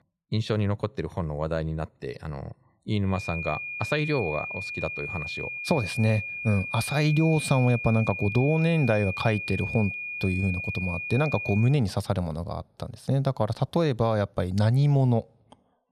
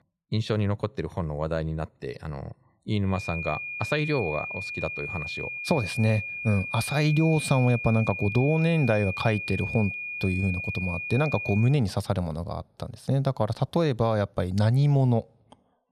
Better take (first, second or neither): neither